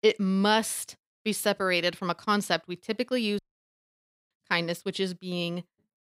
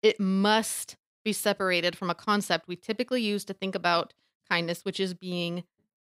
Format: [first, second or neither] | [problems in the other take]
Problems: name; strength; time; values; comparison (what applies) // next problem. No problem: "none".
second | audio cutting out; at 3.5 s for 1 s